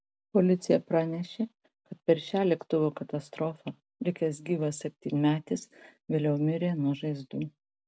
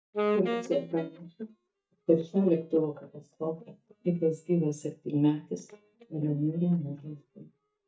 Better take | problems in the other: first | noise reduction (neural mask model DeepFilterNet 3)

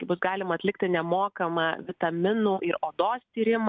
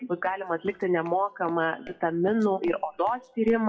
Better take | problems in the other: first | noise reduction (classical method WPE with log-MMSE)

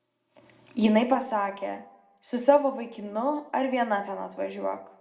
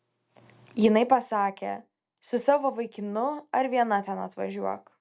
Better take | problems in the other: second | room echo; dies away in 0.6 s

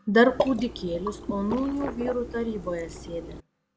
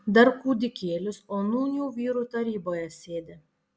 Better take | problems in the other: second | background sound (Water / Liquid); 7 dB below the speech

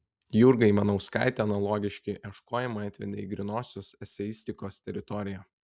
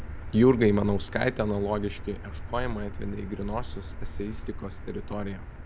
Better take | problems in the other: first | background sound (Motor vehicle (road)); 7 dB below the speech

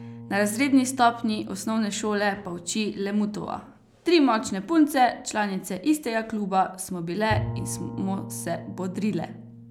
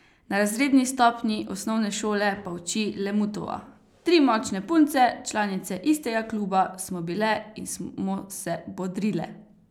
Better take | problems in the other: second | background sound (Bowed string instrument); 14 dB below the speech

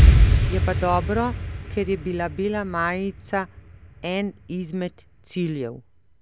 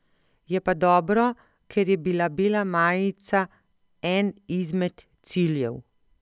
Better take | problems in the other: second | background sound (Explosion); 4 dB above the speech

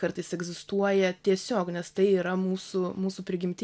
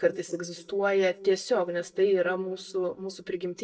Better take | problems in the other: first | noise reduction (neural mask model DeepFilterNet 3)

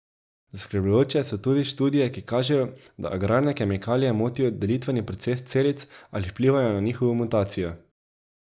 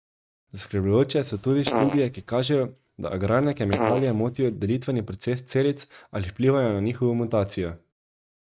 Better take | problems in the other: first | noise reduction (neural mask model RNNoise)

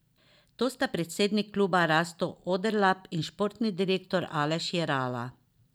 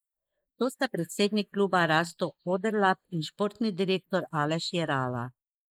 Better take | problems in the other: first | noise reduction (neural mask model Resemble Enhance denoiser)

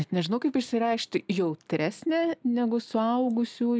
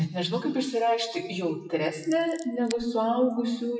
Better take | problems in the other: first | noise reduction (classical method WPE with log-MMSE)

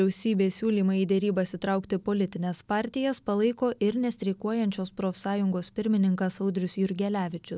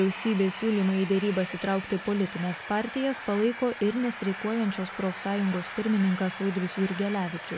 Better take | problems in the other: first | background sound (Train); 12 dB below the speech

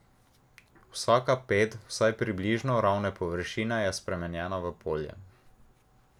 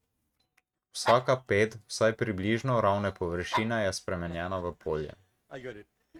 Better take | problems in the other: first | noise reduction (neural mask model RNNoise)

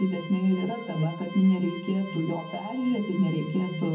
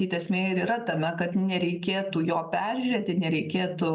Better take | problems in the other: second | background sound (Organ); 16 dB below the speech // room echo; dies away in 0.3 s

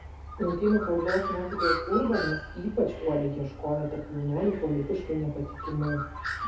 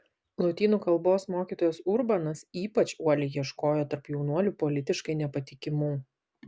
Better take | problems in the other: second | background sound (Bird); 7 dB below the speech // room echo; dies away in 0.5 s

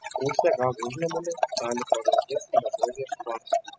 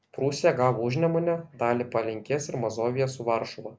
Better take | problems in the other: second | noise reduction (classical method spectral subtraction)

